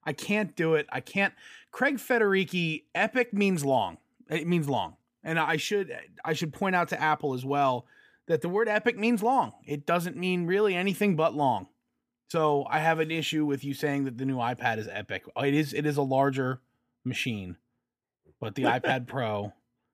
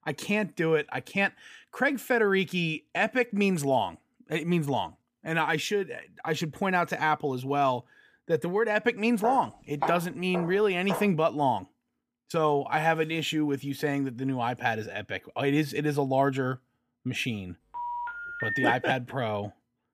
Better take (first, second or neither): first